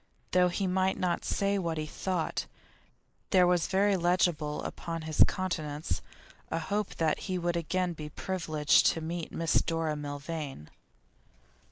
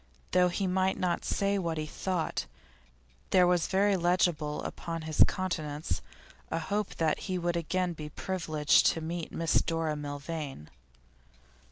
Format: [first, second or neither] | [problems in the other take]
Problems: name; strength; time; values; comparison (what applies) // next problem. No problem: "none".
second | noise reduction (neural mask model Resemble Enhance denoiser)